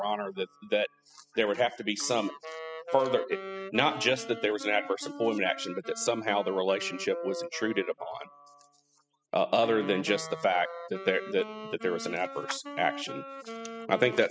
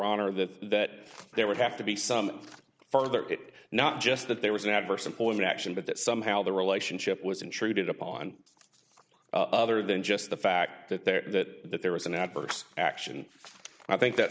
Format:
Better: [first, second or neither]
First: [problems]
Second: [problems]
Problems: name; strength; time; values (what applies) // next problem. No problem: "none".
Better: second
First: noise reduction (classical method spectral subtraction)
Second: none